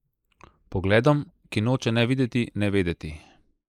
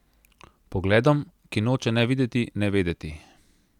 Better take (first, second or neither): second